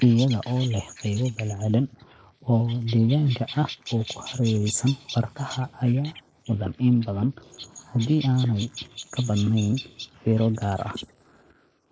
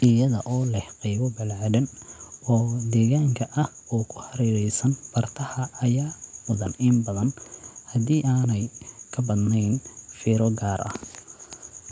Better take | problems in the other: second | noise reduction (neural mask model Resemble Enhance denoiser)

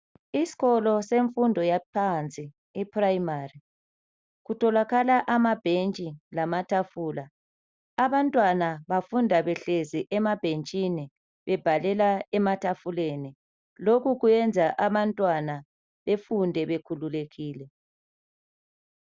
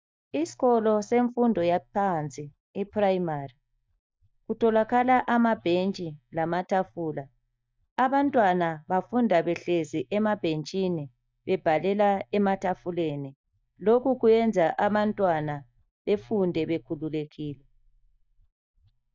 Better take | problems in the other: first | noise reduction (neural mask model DeepFilterNet 3)

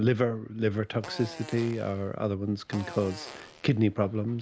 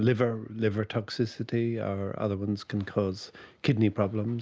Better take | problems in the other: second | background sound (Fart); 17 dB below the speech

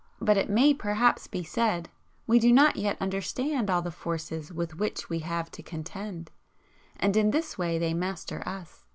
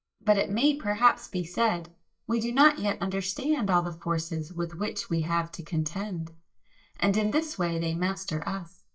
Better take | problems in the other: first | noise reduction (neural mask model DeepFilterNet 3)

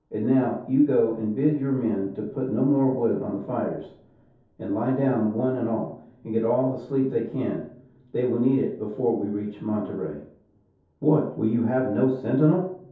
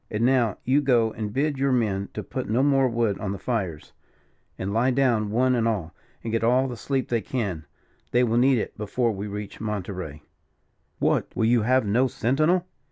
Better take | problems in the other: second | room echo; dies away in 0.6 s

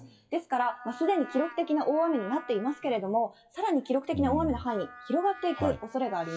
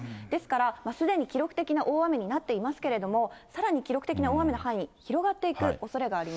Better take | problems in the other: second | noise reduction (classical method WPE with log-MMSE)

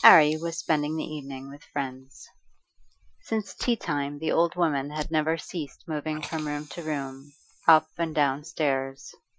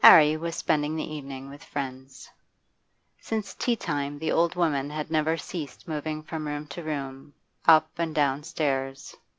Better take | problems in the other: second | noise reduction (classical method Wiener filter)

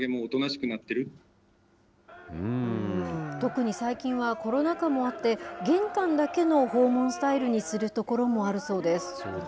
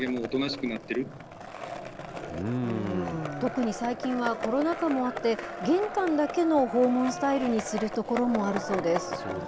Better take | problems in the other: first | background sound (Skateboard); 10 dB below the speech

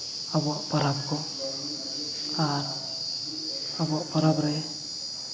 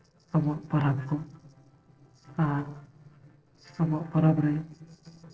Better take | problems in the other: first | noise reduction (neural separator model SepFormer DNS4)

